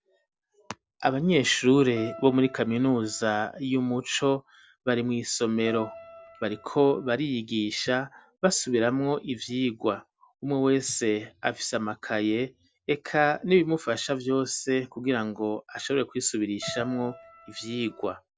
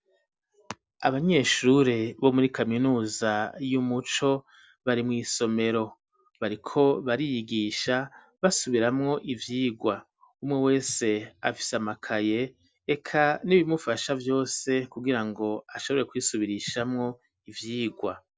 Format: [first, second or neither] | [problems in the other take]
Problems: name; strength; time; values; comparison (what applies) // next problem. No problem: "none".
second | background sound (Keyboard (musical)); 17 dB below the speech